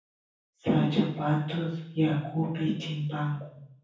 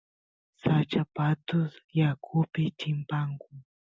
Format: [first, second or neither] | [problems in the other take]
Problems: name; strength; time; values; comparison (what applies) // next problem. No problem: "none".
second | room echo; dies away in 0.6 s